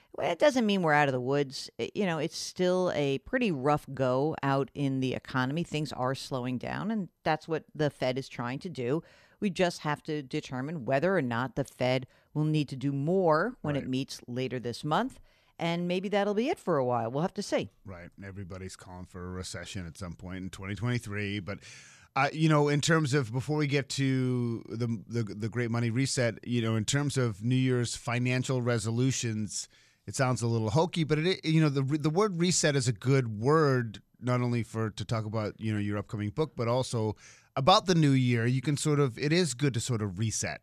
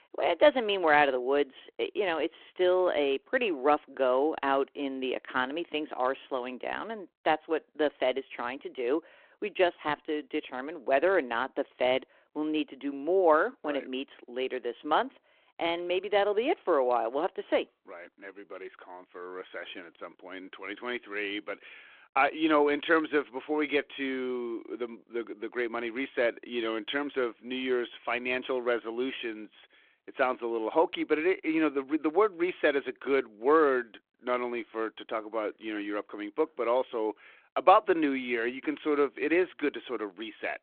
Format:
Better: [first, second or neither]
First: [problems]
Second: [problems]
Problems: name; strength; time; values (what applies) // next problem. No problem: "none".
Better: first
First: none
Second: phone-call audio